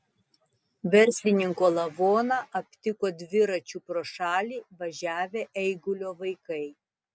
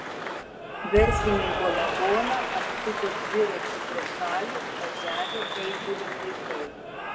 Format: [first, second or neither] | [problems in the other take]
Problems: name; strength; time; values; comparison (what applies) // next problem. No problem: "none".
first | background sound (Applause / Cheering); as loud as the speech // room echo; dies away in 1.3 s